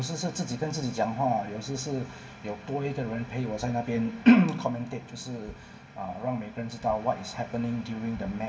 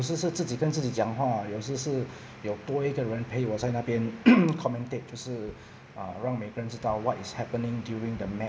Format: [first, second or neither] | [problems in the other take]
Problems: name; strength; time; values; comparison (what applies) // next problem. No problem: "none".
second | room echo; dies away in 2 s